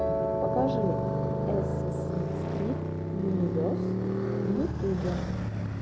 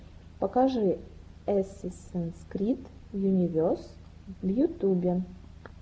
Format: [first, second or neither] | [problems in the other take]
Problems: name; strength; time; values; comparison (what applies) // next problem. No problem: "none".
second | background sound (Piano + Motorcycle); 5 dB above the speech